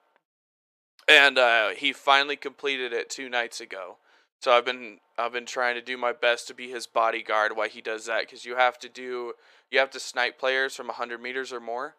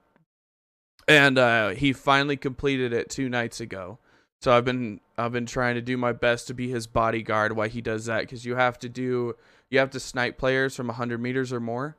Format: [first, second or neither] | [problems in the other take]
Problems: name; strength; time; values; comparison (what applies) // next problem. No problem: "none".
second | thin; very; fading below 450 Hz